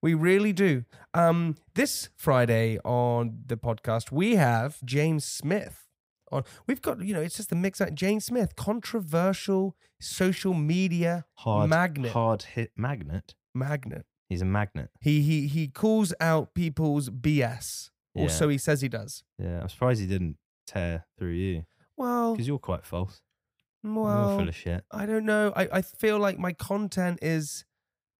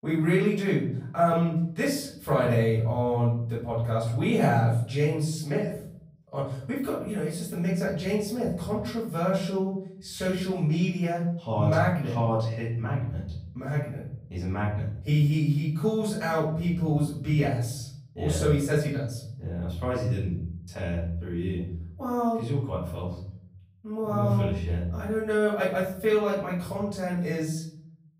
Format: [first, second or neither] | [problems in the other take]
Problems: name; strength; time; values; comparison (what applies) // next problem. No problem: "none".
first | off-mic speech; far // room echo; noticeable; dies away in 0.8 s